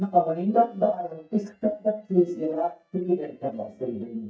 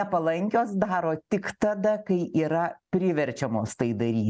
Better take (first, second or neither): second